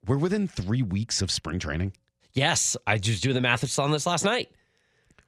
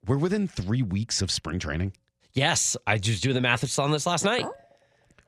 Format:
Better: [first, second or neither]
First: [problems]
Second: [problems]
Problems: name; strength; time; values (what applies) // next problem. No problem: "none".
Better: first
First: none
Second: clattering dishes; faint; at 4.5 s; peak 10 dB below the speech